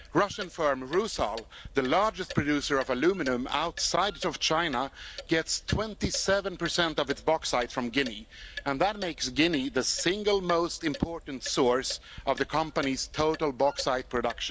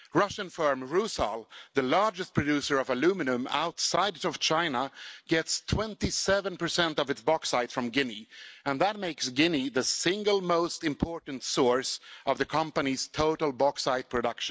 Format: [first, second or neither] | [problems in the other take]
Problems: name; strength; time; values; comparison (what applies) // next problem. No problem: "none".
second | background sound (Clock); 17 dB below the speech